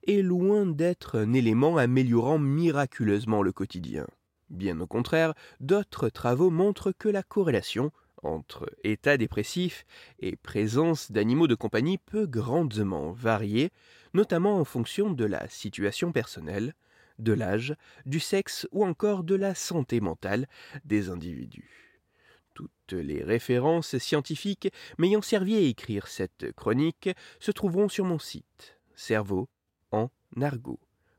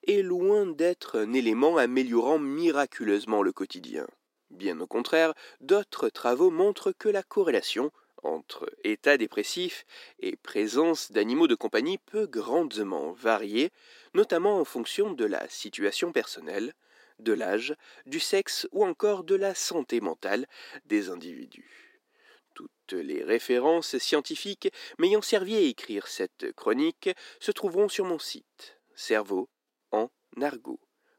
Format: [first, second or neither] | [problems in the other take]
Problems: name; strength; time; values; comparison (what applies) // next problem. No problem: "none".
first | thin; somewhat; fading below 250 Hz